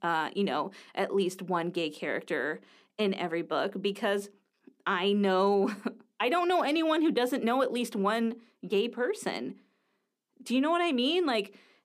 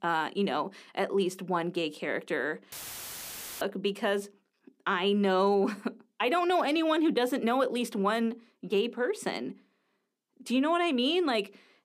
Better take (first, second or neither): first